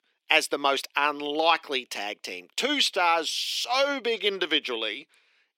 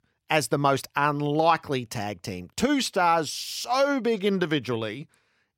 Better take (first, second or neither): second